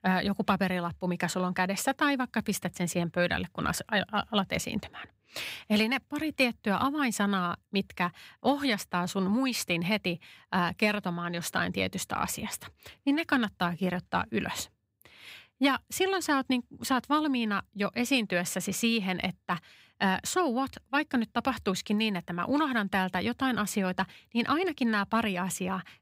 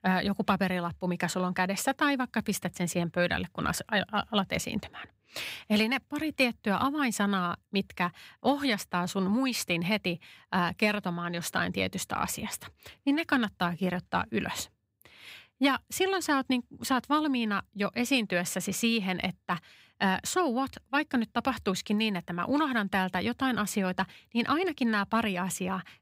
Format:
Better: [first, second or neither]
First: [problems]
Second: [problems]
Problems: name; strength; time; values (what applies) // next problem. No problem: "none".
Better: neither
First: none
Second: none